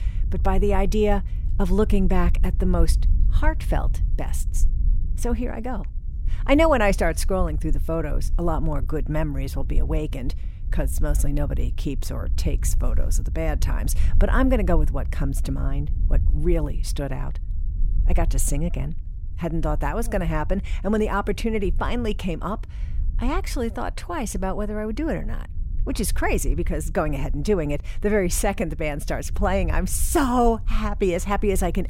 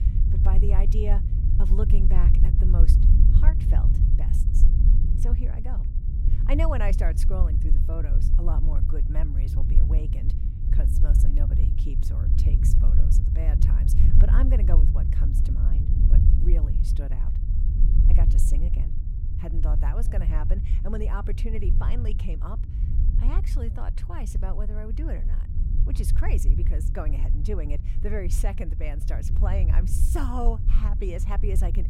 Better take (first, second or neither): first